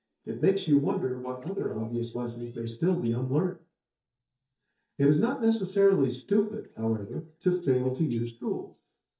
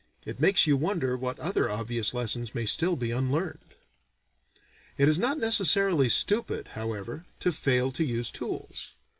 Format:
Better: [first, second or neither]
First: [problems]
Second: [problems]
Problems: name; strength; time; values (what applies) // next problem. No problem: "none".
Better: second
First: noise reduction (neural mask model DeepFilterNet 3)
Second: none